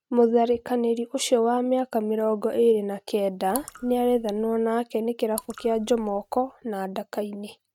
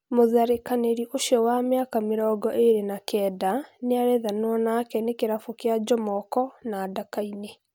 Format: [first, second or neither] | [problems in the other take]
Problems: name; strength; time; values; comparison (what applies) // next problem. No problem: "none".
second | noise reduction (neural mask model RNNoise)